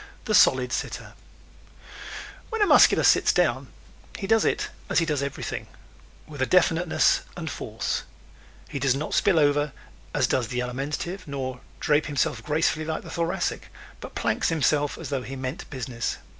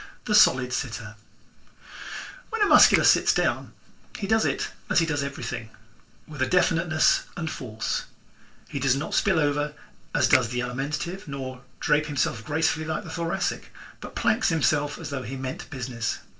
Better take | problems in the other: first | noise reduction (neural separator model SepFormer DNS4)

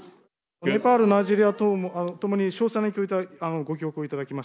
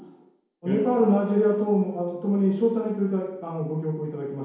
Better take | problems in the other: first | room echo; dies away in 1 s

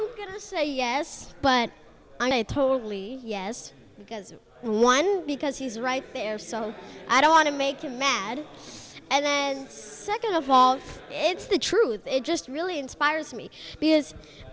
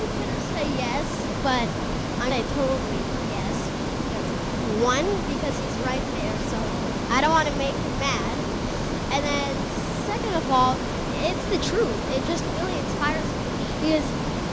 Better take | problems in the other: first | background sound (Ocean); 1 dB above the speech

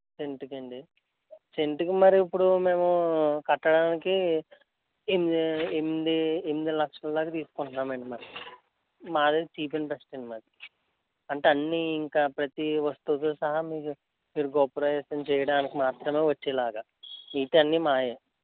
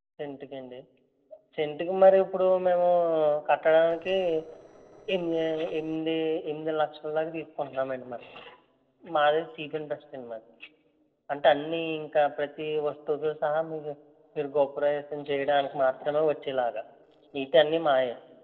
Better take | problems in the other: first | noise reduction (neural separator model SepFormer DNS4)

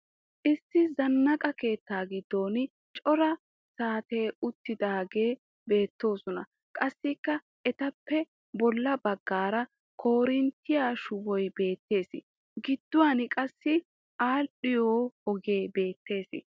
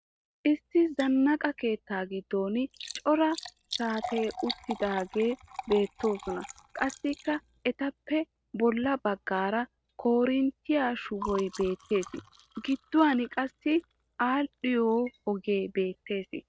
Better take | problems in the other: first | noise reduction (neural mask model RNNoise)

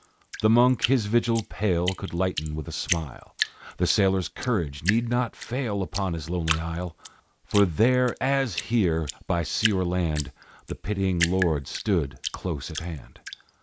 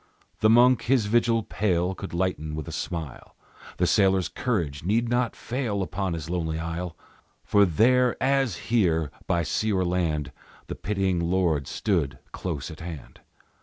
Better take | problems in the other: second | background sound (Drip); 11 dB below the speech

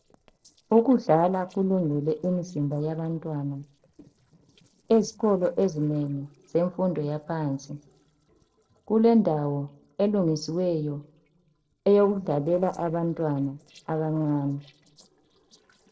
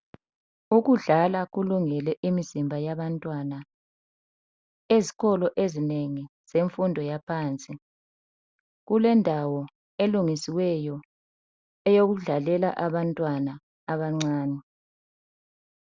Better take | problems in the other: second | noise reduction (neural separator model SepFormer DNS4)

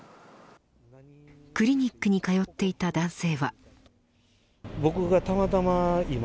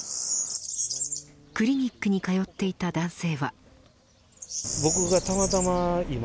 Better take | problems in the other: first | background sound (Bird vocalization, bird call, bird song); 6 dB below the speech

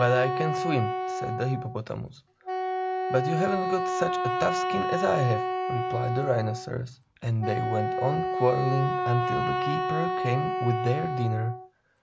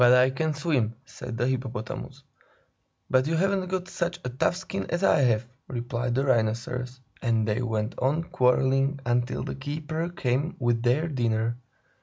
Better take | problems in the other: second | background sound (Wind instrument, woodwind instrument); as loud as the speech

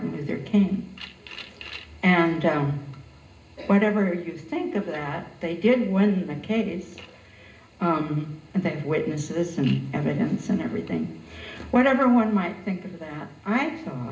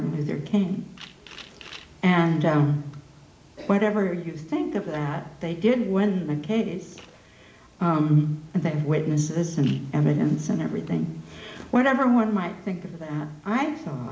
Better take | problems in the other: second | room echo; dies away in 0.2 s

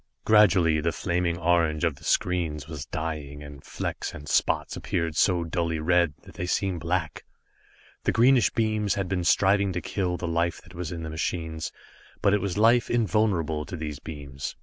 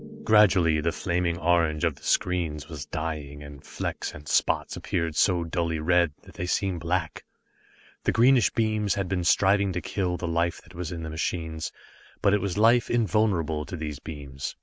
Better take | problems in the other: first | noise reduction (neural mask model RNNoise)

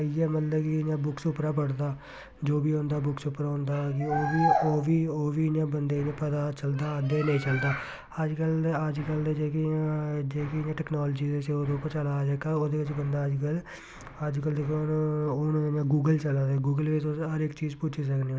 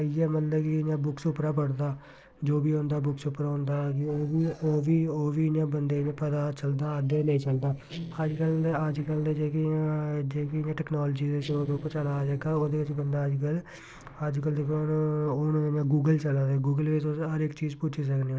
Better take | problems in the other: first | noise reduction (neural separator model SepFormer DNS4)

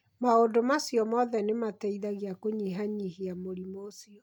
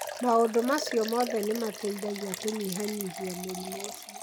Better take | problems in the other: first | background sound (Liquid); 9 dB below the speech

